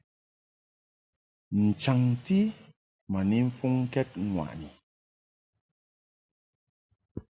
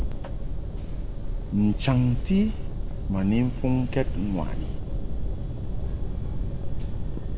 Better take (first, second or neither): first